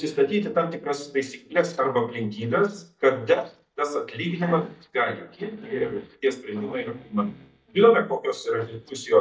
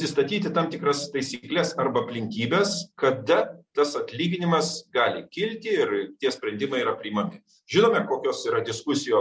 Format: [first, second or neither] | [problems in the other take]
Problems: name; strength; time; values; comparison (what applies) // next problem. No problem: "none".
second | noise reduction (neural mask model DeepFilterNet 3)